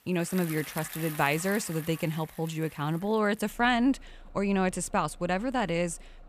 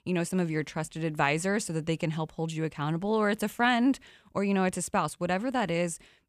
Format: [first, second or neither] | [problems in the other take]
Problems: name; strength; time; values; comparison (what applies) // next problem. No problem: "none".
second | traffic noise; noticeable; throughout; 15 dB below the speech